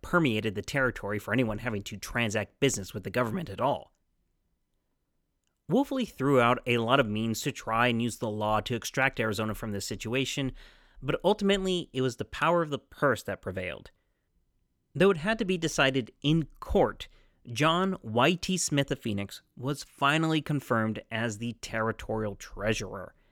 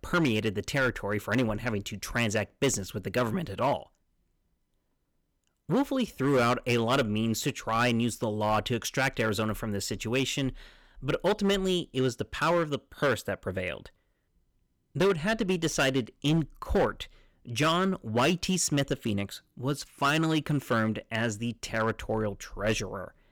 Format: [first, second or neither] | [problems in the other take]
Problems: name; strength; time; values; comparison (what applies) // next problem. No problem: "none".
first | distortion; slight; 5% of the sound clipped